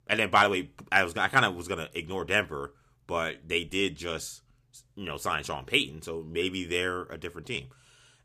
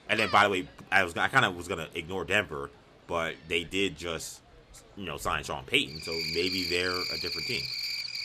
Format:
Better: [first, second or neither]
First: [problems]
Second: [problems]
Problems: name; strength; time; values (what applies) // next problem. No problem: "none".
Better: first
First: none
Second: animal sounds; loud; throughout; 3 dB below the speech